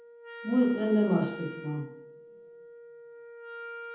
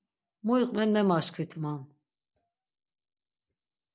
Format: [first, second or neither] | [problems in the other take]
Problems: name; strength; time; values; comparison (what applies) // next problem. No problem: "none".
second | background sound (Wind instrument, woodwind instrument); 13 dB below the speech // room echo; dies away in 0.7 s